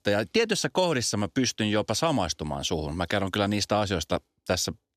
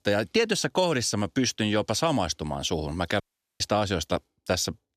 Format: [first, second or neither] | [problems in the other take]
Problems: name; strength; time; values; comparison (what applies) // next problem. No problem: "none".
first | audio cutting out; at 3 s